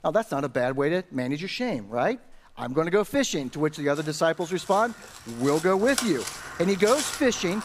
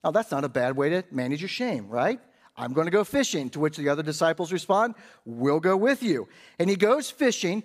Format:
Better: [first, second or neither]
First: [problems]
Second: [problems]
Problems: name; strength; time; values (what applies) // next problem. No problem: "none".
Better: second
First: animal sounds; loud; throughout; 9 dB below the speech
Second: none